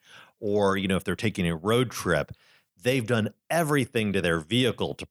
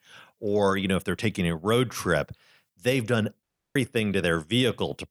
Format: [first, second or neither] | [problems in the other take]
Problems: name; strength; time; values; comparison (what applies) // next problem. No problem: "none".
first | audio cutting out; at 3.5 s